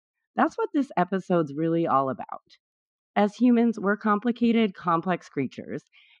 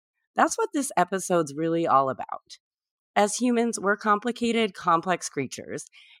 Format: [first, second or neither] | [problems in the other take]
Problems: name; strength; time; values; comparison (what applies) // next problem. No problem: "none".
second | muffled; very; fading above 3.5 kHz